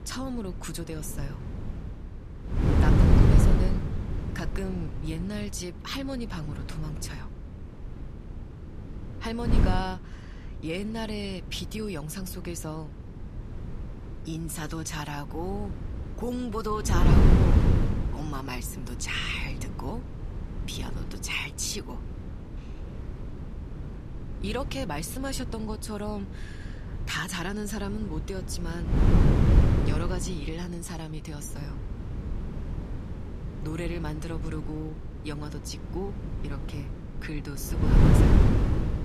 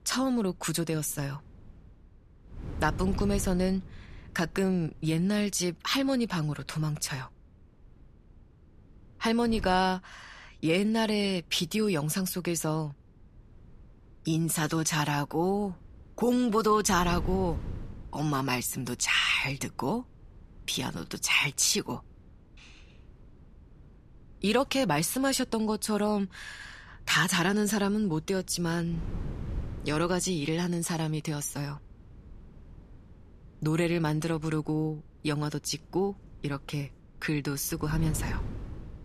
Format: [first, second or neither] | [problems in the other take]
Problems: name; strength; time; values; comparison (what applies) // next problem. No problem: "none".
second | wind noise on the microphone; heavy; 1 dB below the speech; occasional gusts in the second